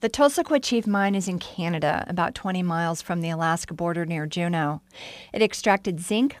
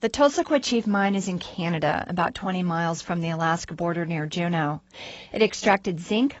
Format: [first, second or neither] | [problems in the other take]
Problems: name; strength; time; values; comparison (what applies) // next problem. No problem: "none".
first | garbled, watery; badly; nothing above 7.5 kHz